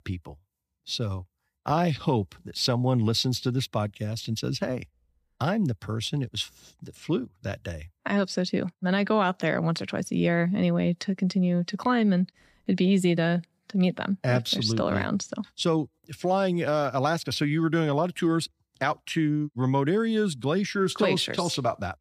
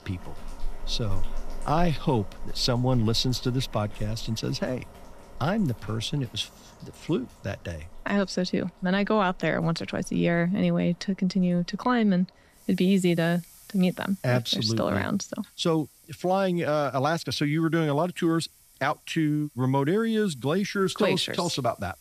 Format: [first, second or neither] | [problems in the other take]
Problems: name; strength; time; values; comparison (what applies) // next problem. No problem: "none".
first | household noises; faint; throughout; 20 dB below the speech